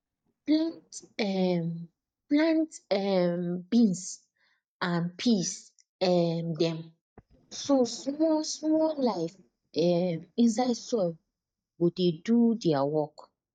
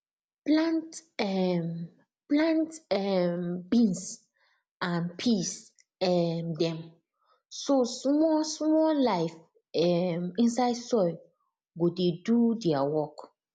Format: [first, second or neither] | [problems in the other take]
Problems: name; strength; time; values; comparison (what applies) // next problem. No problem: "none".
second | noise reduction (neural mask model DeepFilterNet 3)